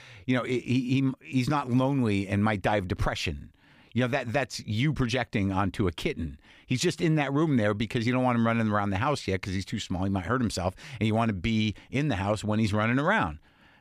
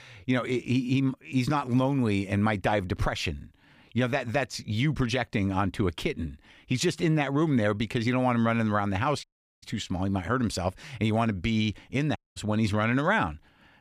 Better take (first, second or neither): first